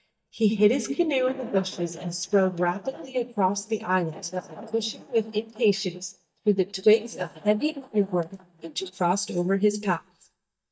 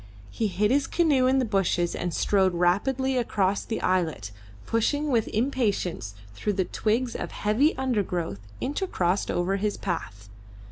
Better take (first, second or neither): second